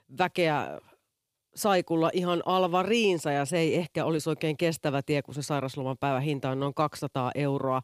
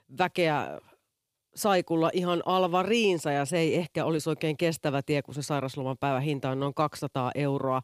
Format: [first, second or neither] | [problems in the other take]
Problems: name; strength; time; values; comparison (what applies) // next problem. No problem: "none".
neither | none